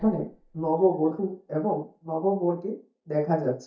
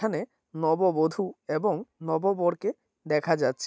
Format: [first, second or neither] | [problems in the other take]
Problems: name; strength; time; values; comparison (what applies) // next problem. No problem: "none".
second | noise reduction (neural mask model DeepFilterNet 3)